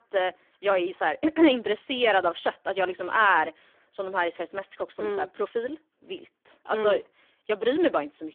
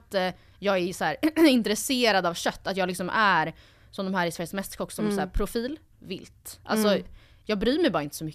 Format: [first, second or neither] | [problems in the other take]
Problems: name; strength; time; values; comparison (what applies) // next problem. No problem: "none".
second | phone-call audio; poor line